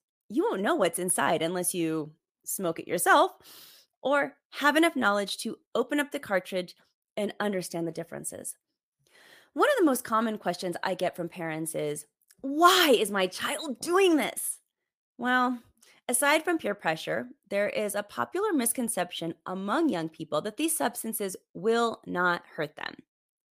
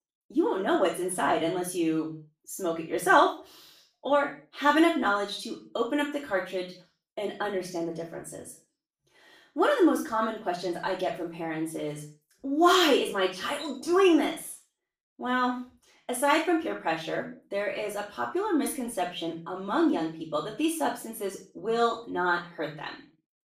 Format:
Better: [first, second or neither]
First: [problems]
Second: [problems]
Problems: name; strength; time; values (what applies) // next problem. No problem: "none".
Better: first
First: none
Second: room echo; noticeable; dies away in 0.3 s // off-mic speech; far